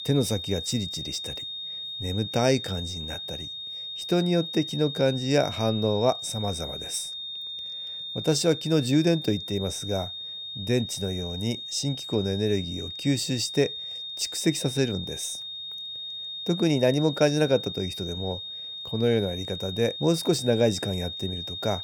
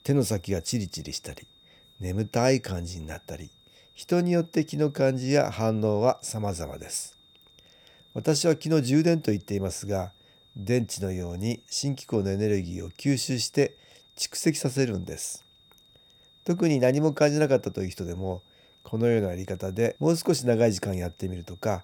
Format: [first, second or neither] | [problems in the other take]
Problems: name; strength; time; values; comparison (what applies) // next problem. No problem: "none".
second | high-pitched whine; loud; throughout; 3.5 kHz, 7 dB below the speech; faint in the second